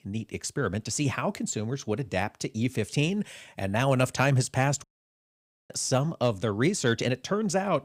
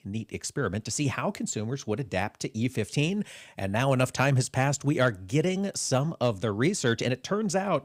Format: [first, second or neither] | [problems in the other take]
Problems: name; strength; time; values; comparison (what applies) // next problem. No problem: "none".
second | audio cutting out; at 5 s for 1 s